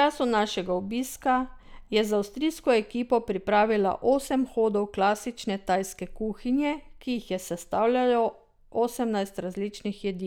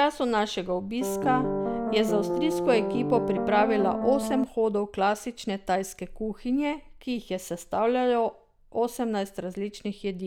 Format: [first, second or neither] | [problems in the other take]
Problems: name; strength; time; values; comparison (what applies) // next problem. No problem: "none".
first | background sound (Piano); 1 dB below the speech